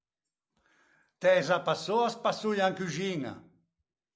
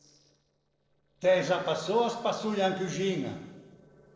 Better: first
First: none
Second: noise reduction (neural separator model SepFormer DNS4)

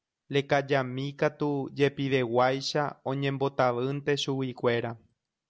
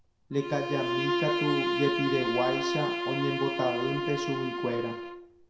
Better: first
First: none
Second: background sound (Bowed string instrument); as loud as the speech // room echo; dies away in 0.6 s

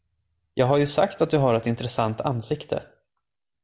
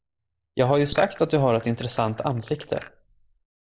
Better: first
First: none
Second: noise reduction (neural mask model Resemble Enhance denoiser)

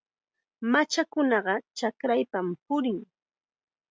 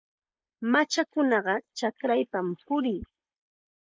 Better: first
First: none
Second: noise reduction (neural mask model Resemble Enhance denoiser)

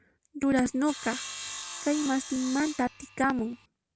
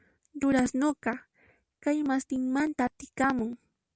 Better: second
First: background sound (Sawing); 11 dB below the speech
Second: none

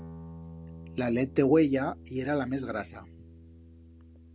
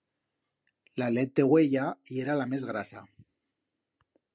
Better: second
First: background sound (Guitar); 16 dB below the speech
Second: none

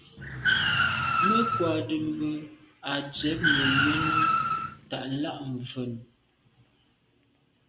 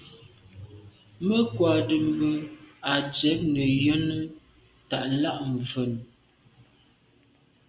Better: second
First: background sound (Car); 4 dB above the speech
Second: none

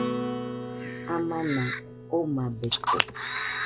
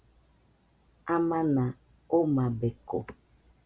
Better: second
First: background sound (Camera + Acoustic guitar); 1 dB above the speech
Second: none

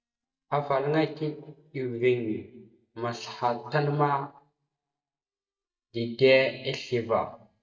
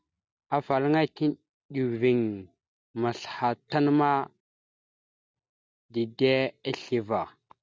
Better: second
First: noise reduction (neural mask model DeepFilterNet 3)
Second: none

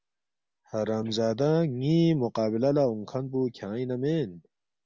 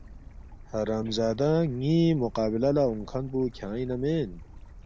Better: first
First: none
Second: background sound (Stream / Bird); 17 dB below the speech

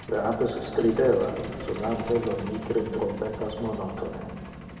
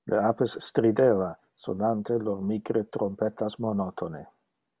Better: second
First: background sound (Truck); 12 dB below the speech // room echo; dies away in 2.2 s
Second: none

